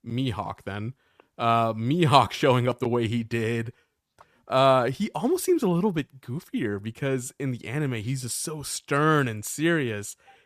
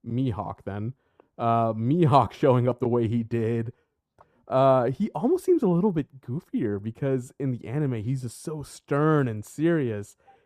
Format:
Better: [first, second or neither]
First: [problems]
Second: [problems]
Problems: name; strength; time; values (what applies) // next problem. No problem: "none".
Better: first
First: none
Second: muffled; slightly; fading above 1.5 kHz